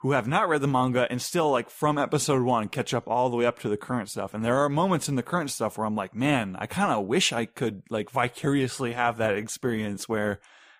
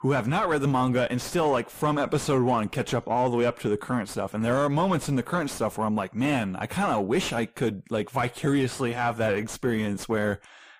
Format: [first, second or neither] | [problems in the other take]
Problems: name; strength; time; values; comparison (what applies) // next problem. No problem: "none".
first | distortion; slight; 9 dB below the speech